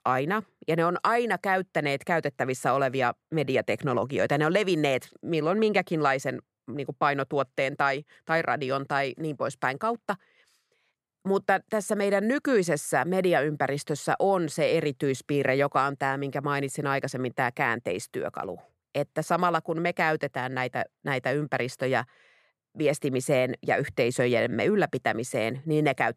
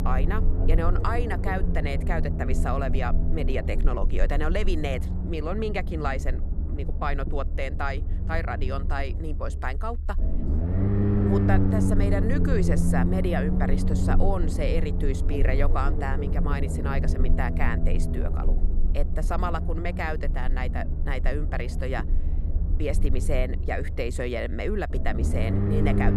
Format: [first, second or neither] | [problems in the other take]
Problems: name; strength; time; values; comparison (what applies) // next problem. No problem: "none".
first | low rumble; loud; throughout; 6 dB below the speech